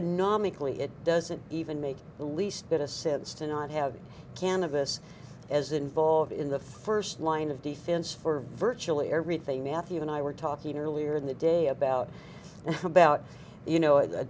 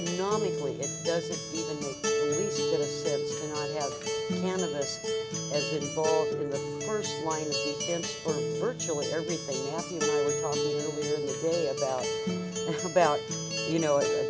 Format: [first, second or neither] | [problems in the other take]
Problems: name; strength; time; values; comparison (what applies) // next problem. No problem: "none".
first | background sound (Acoustic guitar); 1 dB above the speech